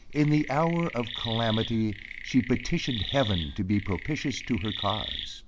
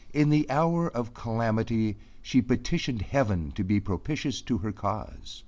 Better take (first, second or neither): second